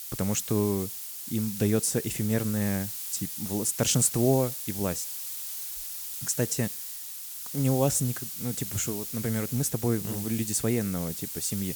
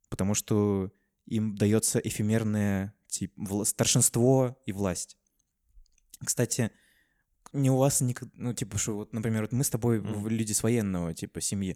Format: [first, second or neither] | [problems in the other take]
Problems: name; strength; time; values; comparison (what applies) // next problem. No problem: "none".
second | hiss; loud; throughout; 5 dB below the speech